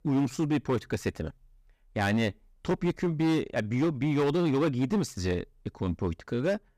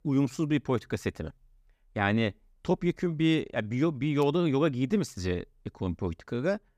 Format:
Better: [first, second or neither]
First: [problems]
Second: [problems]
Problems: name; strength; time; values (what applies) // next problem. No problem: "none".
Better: second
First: distortion; slight; 9% of the sound clipped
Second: none